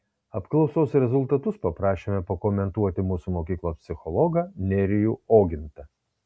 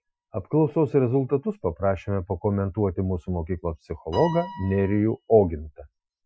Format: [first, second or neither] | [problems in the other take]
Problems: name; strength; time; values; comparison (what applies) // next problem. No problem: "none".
first | noise reduction (classical method Wiener filter)